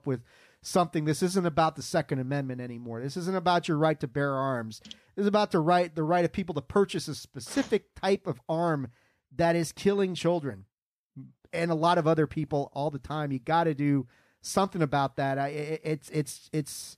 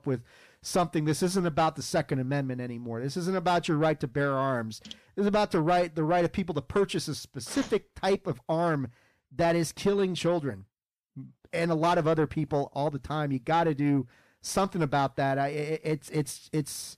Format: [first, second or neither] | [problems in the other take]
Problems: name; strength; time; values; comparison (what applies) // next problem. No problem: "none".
first | distortion; slight; 10 dB below the speech